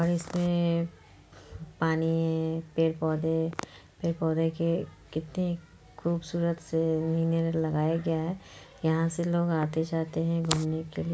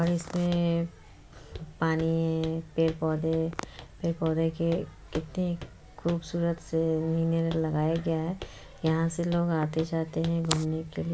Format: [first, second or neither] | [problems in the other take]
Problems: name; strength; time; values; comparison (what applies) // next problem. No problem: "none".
first | background sound (Walk, footsteps + Insect); 17 dB below the speech